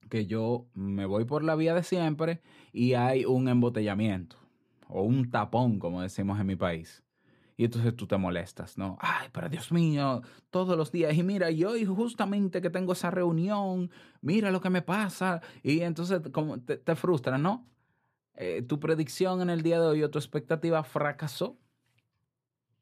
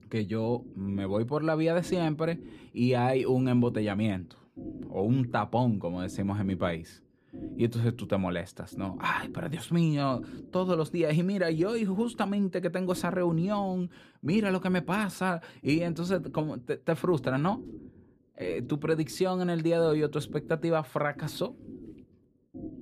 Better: first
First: none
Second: low rumble; noticeable; throughout; 20 dB below the speech

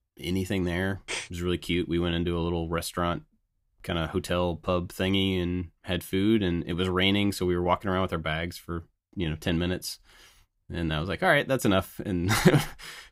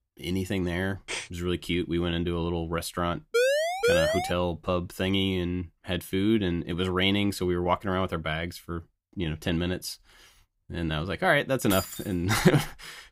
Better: first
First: none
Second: siren; loud; at 3.5 s; peak 4 dB above the speech // jangling keys; noticeable; at 12 s; peak 6 dB below the speech

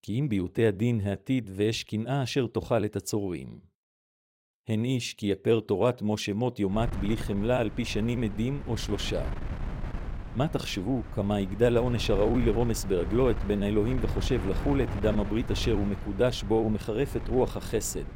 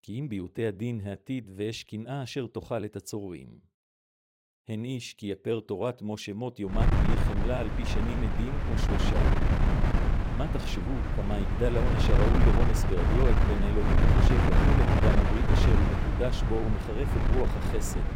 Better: first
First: wind noise on the microphone; occasional gusts; from 7 s on; 15 dB below the speech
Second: wind noise on the microphone; heavy; from 7 s on; 2 dB above the speech

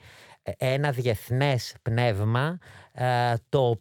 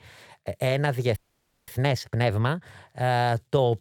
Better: first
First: none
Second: audio freezing; at 1 s for 0.5 s

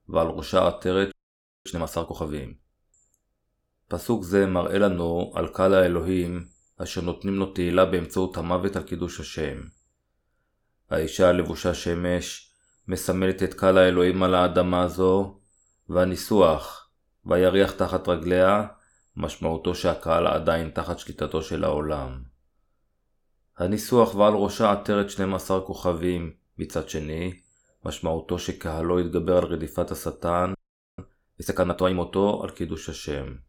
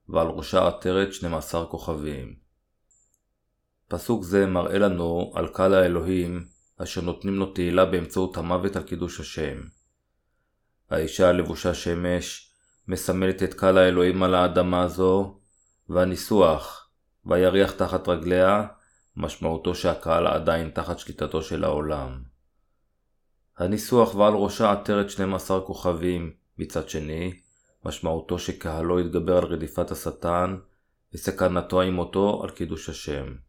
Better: second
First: audio freezing; at 1 s for 0.5 s and at 31 s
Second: none

